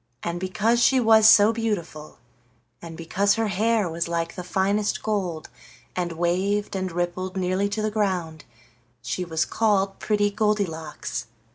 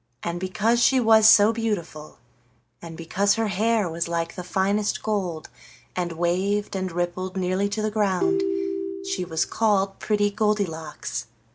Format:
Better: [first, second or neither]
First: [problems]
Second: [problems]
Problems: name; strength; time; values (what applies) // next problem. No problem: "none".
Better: first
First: none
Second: background sound (Ringtone); 2 dB below the speech